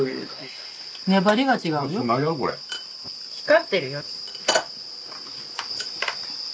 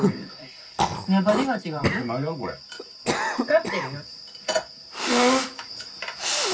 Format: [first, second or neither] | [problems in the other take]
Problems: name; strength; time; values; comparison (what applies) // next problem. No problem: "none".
first | background sound (Cough); 1 dB above the speech // room echo; dies away in 0.4 s